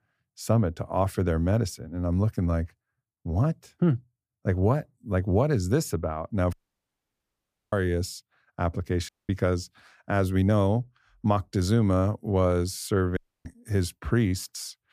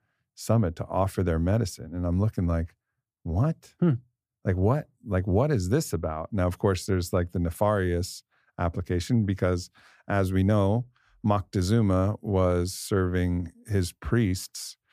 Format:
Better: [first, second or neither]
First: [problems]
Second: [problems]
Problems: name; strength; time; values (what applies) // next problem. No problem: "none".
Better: second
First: audio cutting out; at 6.5 s for 1 s, at 9 s and at 13 s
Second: none